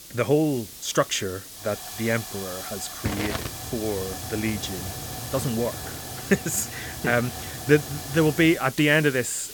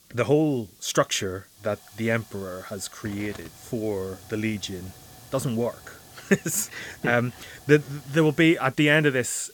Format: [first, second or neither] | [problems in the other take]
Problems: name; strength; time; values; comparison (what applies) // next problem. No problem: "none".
second | hiss; loud; throughout; 9 dB below the speech; faint in the second